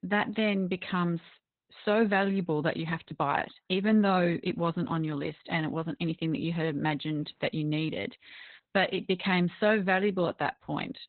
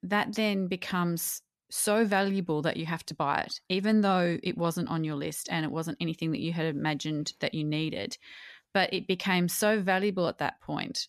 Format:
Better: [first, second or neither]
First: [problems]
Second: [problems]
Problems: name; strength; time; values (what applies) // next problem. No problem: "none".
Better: second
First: garbled, watery; badly; nothing above 4 kHz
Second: none